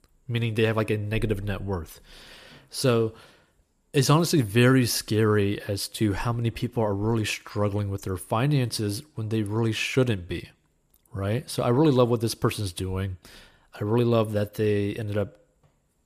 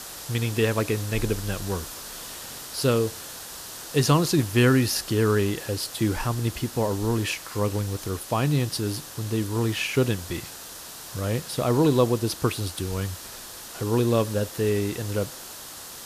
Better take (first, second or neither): first